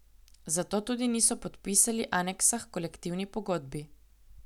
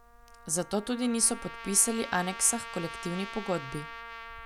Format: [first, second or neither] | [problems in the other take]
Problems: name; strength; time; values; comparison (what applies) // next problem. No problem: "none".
first | background sound (Trumpet); 12 dB below the speech